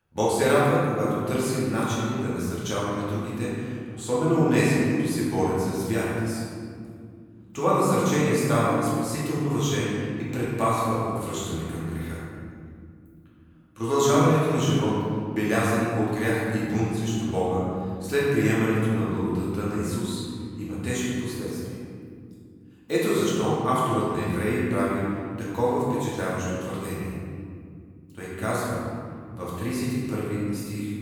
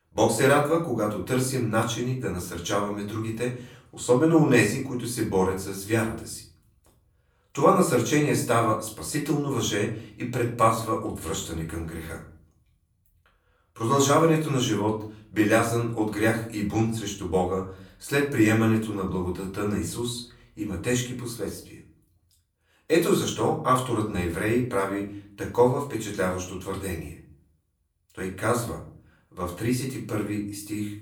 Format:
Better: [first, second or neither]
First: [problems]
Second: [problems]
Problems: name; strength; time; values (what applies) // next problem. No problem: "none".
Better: second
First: room echo; strong; dies away in 2.5 s // off-mic speech; far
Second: room echo; slight; dies away in 0.4 s // off-mic speech; far